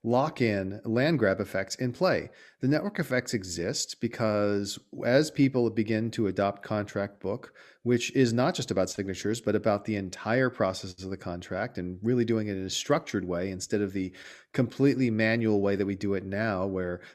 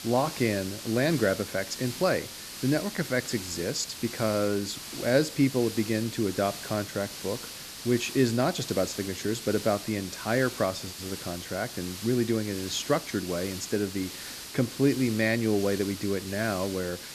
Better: first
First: none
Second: hiss; loud; throughout; 9 dB below the speech

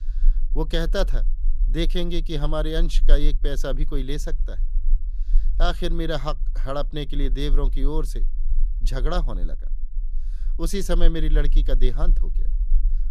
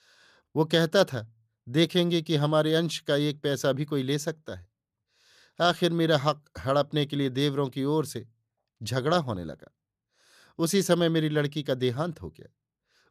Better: second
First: low rumble; faint; throughout; 25 dB below the speech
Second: none

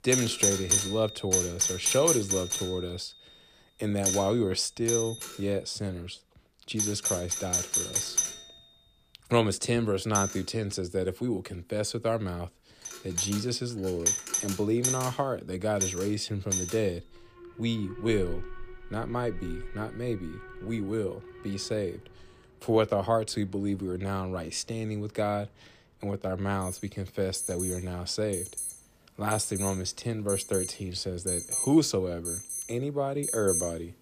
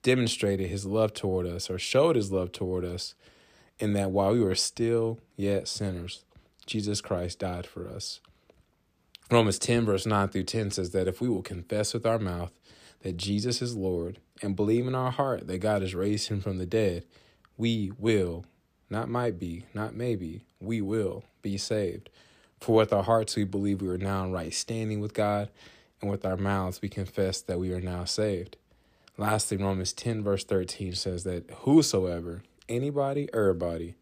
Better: second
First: alarms or sirens; very loud; throughout; as loud as the speech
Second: none

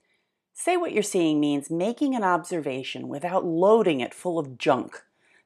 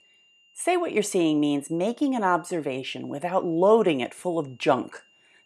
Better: first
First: none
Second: high-pitched whine; faint; throughout; 3 kHz, 35 dB below the speech

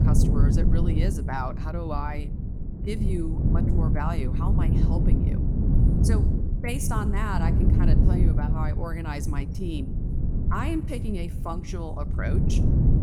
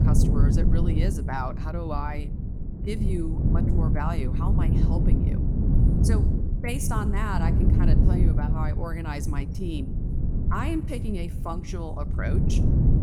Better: neither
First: wind noise on the microphone; heavy; 2 dB below the speech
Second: wind noise on the microphone; heavy; 2 dB below the speech

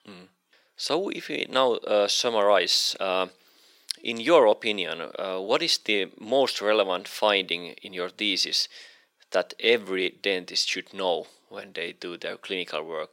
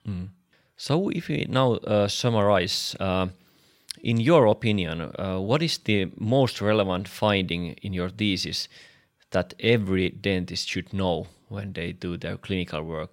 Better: second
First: thin; somewhat; fading below 350 Hz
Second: none

